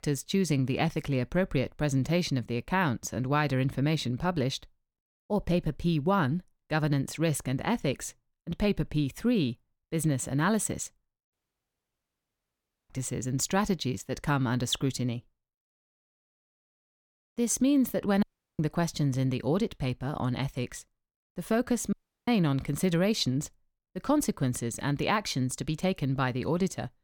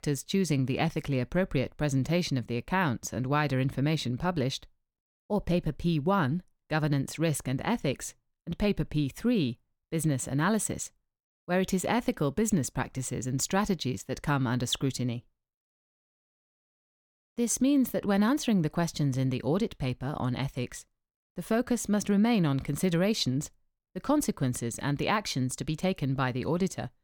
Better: second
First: audio cutting out; at 11 s for 1.5 s, at 18 s and at 22 s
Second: none

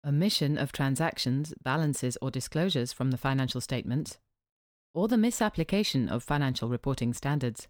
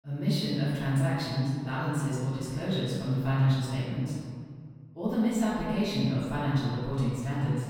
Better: first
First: none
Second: room echo; strong; dies away in 1.8 s // off-mic speech; far

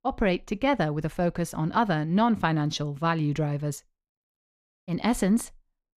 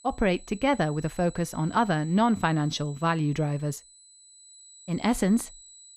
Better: first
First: none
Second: high-pitched whine; faint; throughout; 8 kHz, 20 dB below the speech

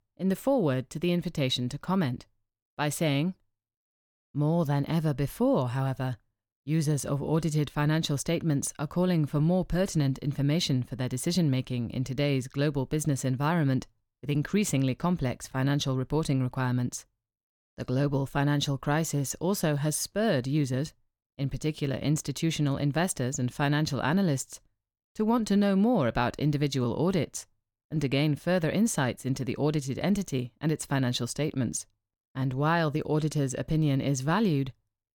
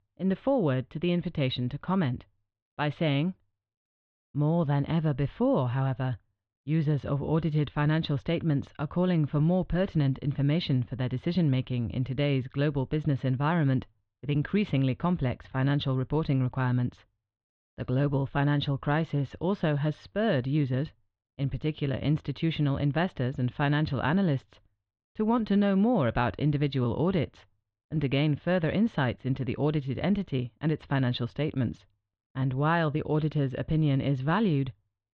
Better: first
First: none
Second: muffled; very; fading above 3.5 kHz

